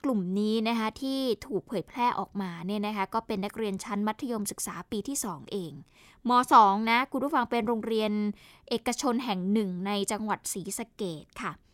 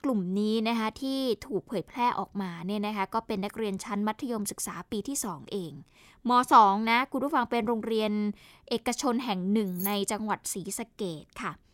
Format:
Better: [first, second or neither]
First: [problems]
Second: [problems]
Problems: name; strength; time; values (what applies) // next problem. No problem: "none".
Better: first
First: none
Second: jangling keys; noticeable; at 10 s; peak 6 dB below the speech